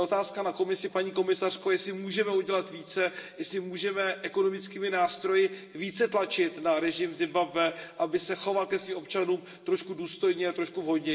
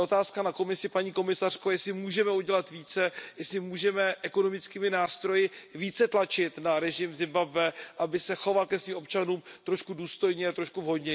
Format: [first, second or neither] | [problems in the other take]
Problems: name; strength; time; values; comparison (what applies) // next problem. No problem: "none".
second | room echo; dies away in 0.9 s